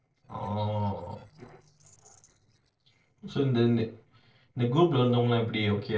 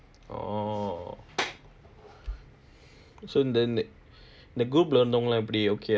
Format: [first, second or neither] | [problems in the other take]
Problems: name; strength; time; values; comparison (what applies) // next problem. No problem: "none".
second | noise reduction (neural separator model SepFormer DNS4)